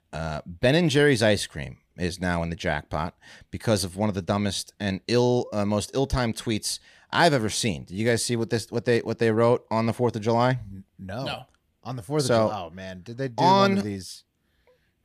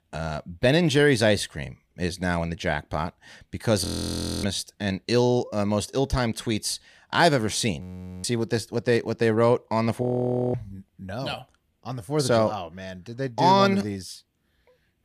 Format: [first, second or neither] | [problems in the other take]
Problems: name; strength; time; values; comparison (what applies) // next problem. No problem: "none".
first | audio freezing; at 4 s for 0.5 s, at 8 s and at 10 s for 0.5 s